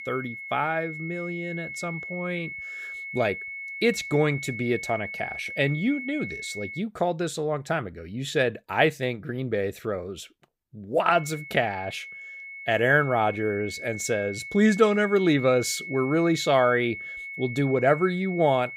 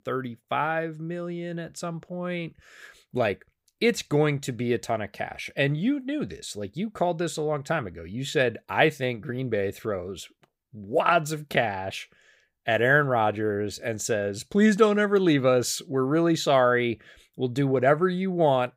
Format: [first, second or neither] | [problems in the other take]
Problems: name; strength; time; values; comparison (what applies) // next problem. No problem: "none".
second | high-pitched whine; loud; until 7 s and from 11 s on; 2 kHz, 9 dB below the speech